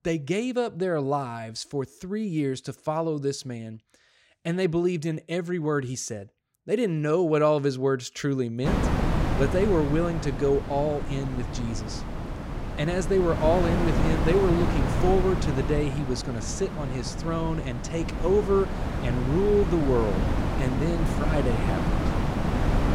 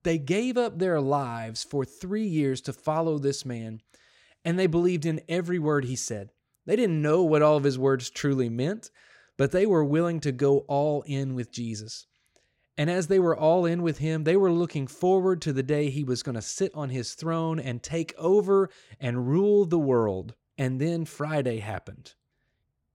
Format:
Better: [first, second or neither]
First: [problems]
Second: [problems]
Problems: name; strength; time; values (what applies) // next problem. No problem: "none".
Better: second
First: wind noise on the microphone; heavy; from 8.5 s on; 5 dB below the speech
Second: none